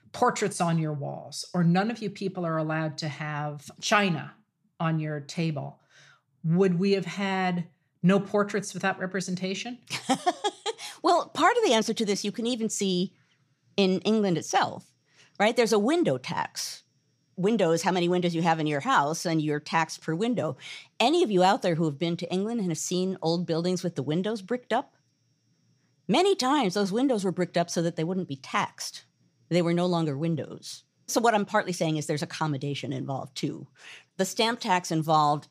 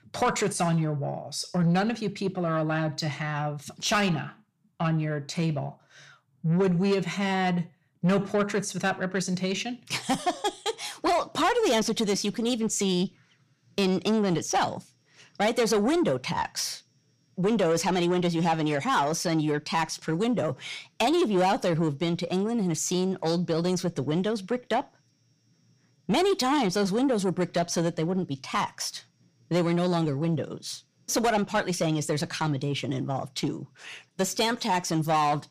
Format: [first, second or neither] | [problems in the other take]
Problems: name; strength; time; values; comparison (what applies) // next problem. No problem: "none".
first | distortion; slight; 10 dB below the speech